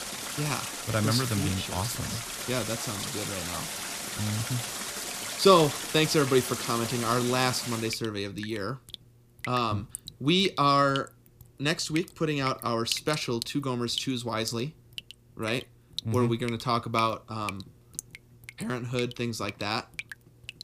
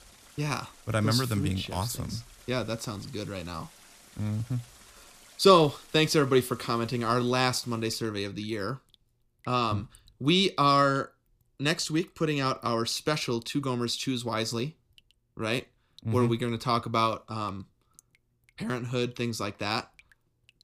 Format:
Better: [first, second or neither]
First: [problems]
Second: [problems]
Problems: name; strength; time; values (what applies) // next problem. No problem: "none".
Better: second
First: rain or running water; loud; throughout; 8 dB below the speech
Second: rain or running water; faint; throughout; 25 dB below the speech